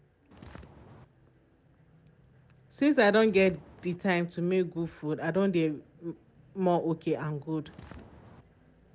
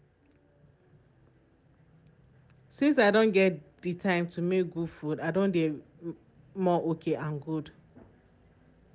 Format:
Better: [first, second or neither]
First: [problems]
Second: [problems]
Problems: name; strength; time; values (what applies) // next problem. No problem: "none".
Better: second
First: background sound (Walk, footsteps); 19 dB below the speech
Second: none